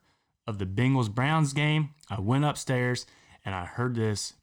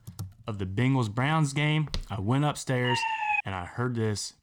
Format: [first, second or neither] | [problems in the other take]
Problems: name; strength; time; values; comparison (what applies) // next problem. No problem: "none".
first | keyboard typing; faint; at the start; peak 15 dB below the speech // footsteps; faint; at 2 s; peak 10 dB below the speech // siren; loud; at 3 s; peak 2 dB above the speech